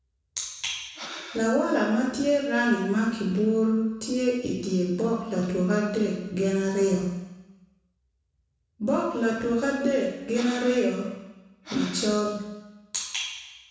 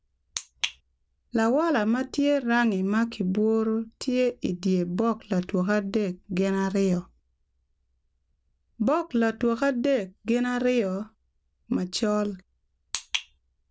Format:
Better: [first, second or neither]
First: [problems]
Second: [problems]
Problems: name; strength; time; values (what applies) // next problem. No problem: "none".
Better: second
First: background sound (Breathing); 15 dB below the speech // room echo; dies away in 1 s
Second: none